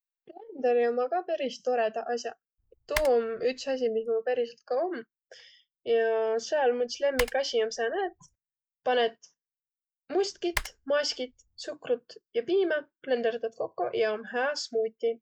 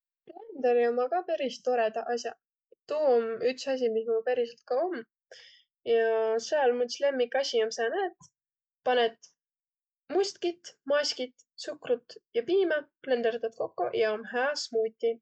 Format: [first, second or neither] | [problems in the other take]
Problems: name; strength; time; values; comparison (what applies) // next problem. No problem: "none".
second | background sound (Typing); 11 dB below the speech